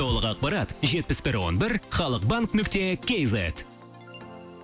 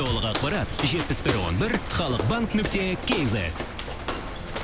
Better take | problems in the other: first | background sound (Walk, footsteps); 4 dB below the speech

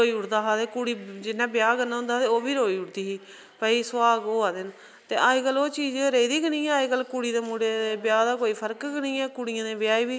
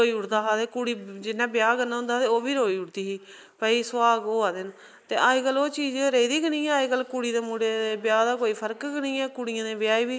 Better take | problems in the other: first | noise reduction (neural mask model Resemble Enhance denoiser)

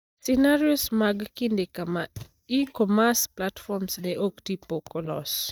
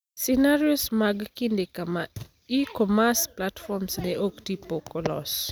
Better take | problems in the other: second | noise reduction (neural mask model DeepFilterNet 3)

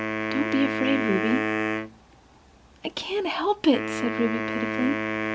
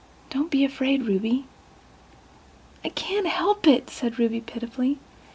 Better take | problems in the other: second | background sound (Wind instrument, woodwind instrument); 2 dB below the speech

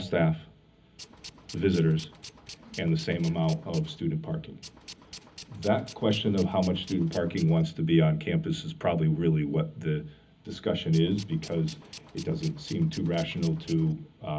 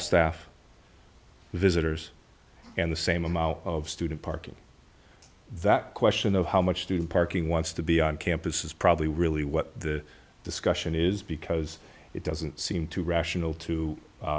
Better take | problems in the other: second | background sound (Tools); 19 dB below the speech // room echo; dies away in 0.4 s

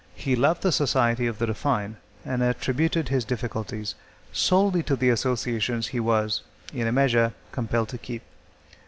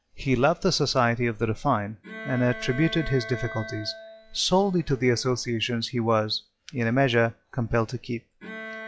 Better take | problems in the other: first | noise reduction (classical method log-MMSE)

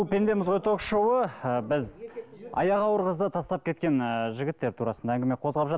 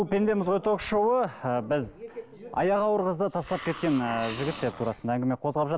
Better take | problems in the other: first | background sound (Hiss); 15 dB below the speech

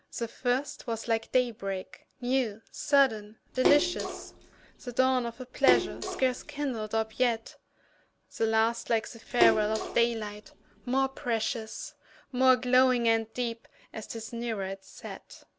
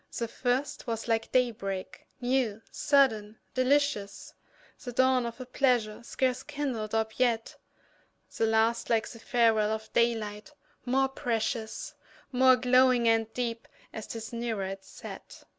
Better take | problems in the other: second | background sound (Splash, splatter); 5 dB below the speech

